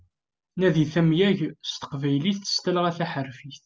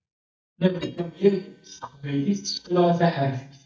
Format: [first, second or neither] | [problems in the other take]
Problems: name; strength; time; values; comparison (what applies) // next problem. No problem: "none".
first | noise reduction (neural mask model DeepFilterNet 3)